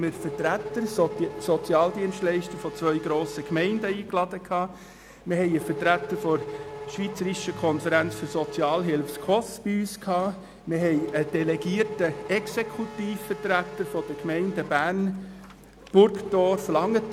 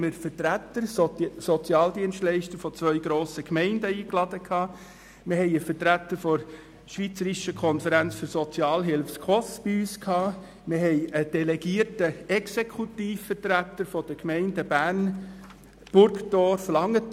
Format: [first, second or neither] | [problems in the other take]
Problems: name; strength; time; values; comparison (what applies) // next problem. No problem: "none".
second | background sound (Race car, auto racing / Accelerating, revving, vroom); 12 dB below the speech